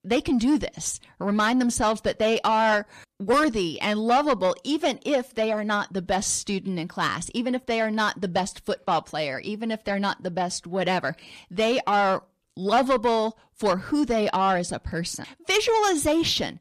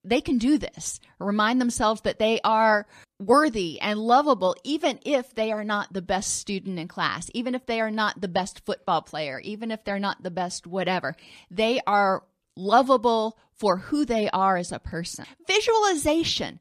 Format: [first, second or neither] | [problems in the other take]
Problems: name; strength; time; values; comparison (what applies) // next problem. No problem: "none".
second | distortion; slight; 10 dB below the speech